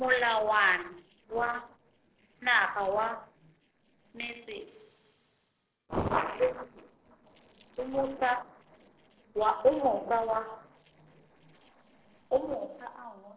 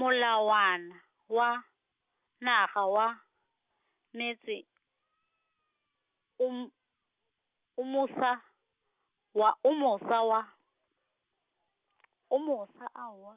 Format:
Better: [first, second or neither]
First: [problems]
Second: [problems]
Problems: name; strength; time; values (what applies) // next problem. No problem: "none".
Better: second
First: noise reduction (neural separator model SepFormer DNS4)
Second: none